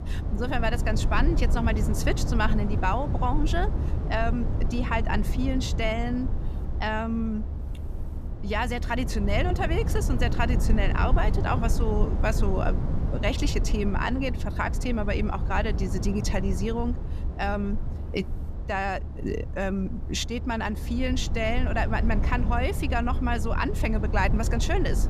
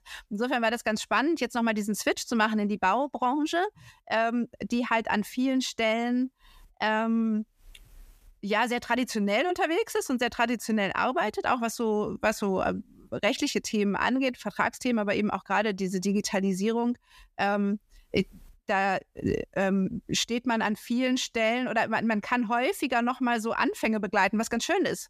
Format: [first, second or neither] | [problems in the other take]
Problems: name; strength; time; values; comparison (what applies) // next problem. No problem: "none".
second | low rumble; noticeable; throughout; 10 dB below the speech